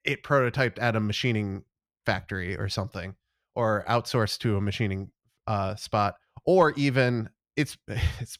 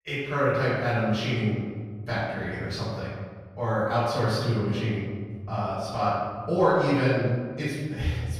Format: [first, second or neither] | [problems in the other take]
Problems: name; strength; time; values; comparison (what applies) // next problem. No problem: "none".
first | room echo; strong; dies away in 1.5 s // off-mic speech; far